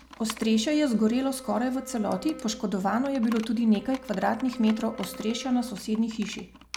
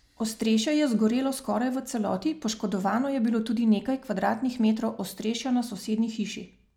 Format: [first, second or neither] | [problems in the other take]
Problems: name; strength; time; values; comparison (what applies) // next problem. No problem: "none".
second | background sound (Wind instrument, woodwind instrument + Computer keyboard); 16 dB below the speech